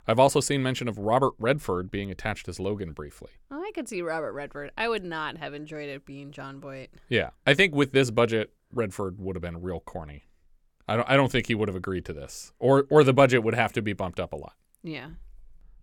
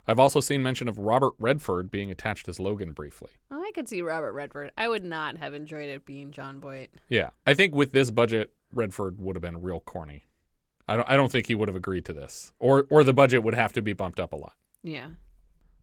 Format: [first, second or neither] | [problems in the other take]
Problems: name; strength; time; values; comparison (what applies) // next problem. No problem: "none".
first | garbled, watery; slightly; nothing above 17.5 kHz